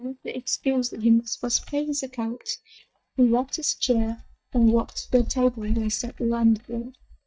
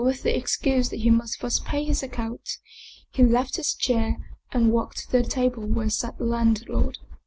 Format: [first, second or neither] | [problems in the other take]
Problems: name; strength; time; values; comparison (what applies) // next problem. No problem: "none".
second | noise reduction (neural mask model DeepFilterNet 3)